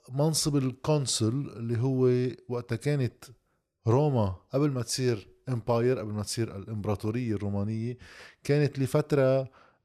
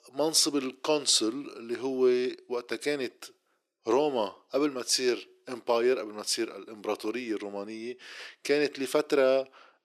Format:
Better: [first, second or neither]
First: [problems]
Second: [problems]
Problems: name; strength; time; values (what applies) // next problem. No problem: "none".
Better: first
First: none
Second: thin; somewhat; fading below 300 Hz